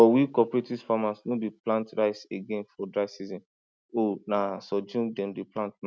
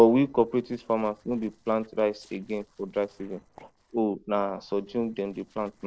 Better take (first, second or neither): first